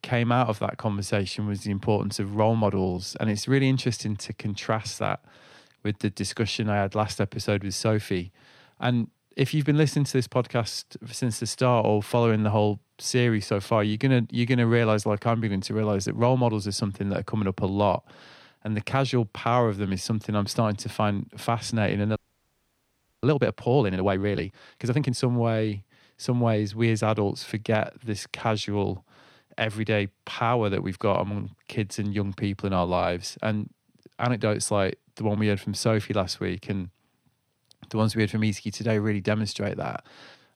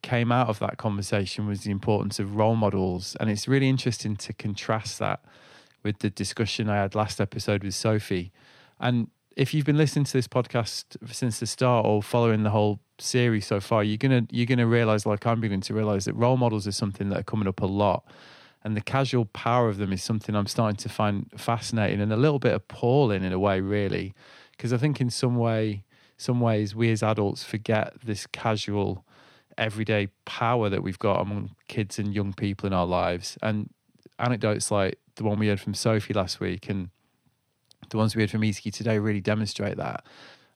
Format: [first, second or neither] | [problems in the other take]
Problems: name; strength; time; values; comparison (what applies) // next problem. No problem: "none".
second | audio freezing; at 22 s for 1 s